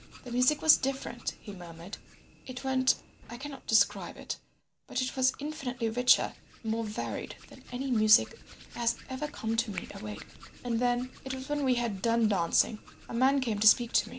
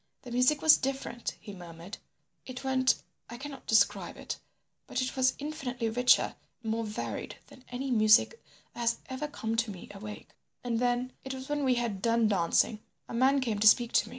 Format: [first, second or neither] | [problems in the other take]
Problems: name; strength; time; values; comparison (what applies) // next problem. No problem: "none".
second | background sound (Hands); 20 dB below the speech